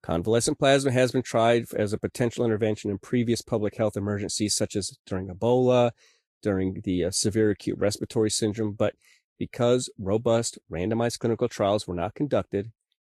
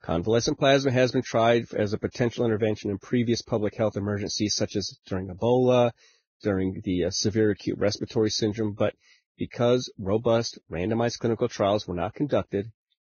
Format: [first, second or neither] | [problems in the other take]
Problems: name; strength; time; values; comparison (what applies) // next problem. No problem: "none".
first | garbled, watery; badly; nothing above 6.5 kHz; slightly in the first